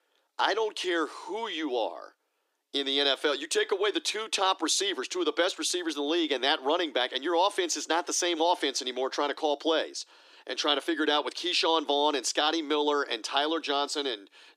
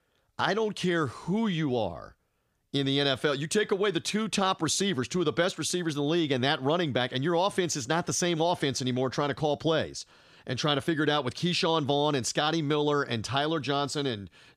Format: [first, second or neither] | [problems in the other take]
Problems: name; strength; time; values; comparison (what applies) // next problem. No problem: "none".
second | thin; somewhat; fading below 300 Hz